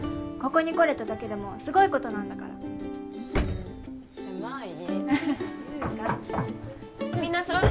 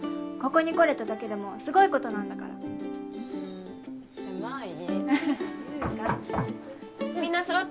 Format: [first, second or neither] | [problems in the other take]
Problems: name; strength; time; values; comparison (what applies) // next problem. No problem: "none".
second | background sound (Drawer open or close); 7 dB below the speech